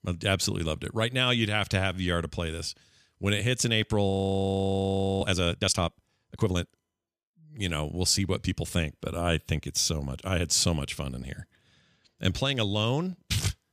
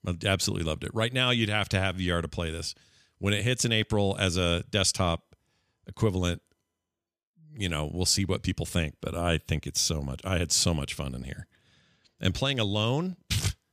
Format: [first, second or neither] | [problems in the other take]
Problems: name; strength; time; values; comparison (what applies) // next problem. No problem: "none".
second | audio freezing; at 4 s for 1 s